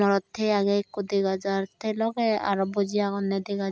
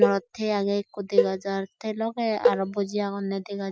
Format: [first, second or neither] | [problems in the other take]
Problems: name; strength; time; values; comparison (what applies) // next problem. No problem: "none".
first | noise reduction (classical method Wiener filter)